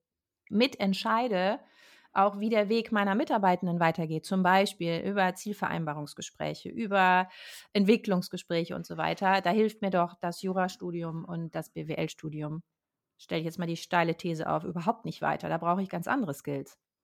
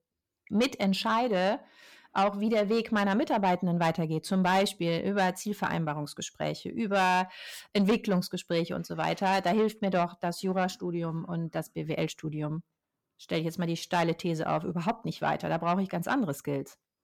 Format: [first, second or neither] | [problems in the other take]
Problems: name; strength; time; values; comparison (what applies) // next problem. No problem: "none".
first | distortion; slight; 10 dB below the speech